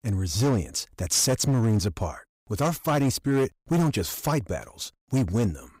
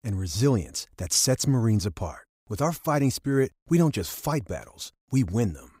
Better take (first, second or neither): second